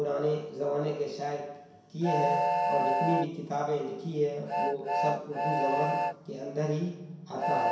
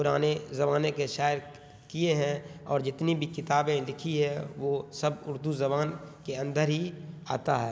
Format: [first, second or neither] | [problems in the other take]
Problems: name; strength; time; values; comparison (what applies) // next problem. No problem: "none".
second | background sound (Train); as loud as the speech // room echo; dies away in 0.7 s